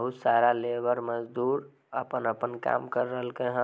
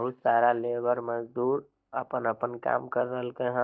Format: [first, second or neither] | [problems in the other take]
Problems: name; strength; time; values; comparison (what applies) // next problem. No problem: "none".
first | noise reduction (neural mask model DeepFilterNet 3)